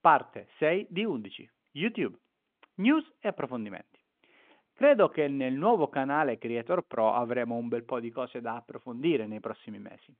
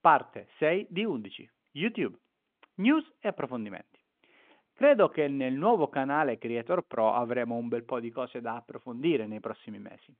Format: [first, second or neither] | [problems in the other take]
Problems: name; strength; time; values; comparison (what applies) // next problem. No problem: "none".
neither | phone-call audio; the same in both